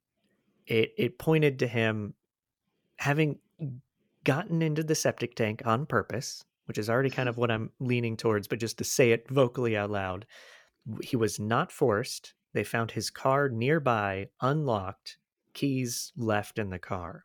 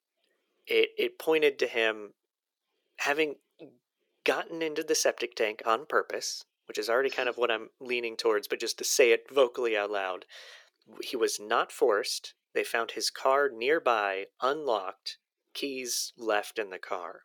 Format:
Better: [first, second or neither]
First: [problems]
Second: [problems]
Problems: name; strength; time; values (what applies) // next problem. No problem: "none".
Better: first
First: none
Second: thin; very; fading below 400 Hz